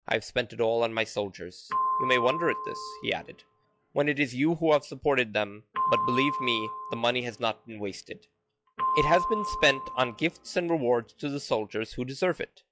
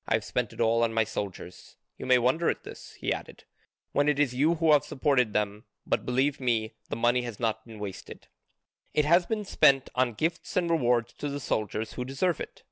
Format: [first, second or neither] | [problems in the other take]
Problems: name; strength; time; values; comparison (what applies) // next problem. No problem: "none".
second | noise reduction (classical method log-MMSE)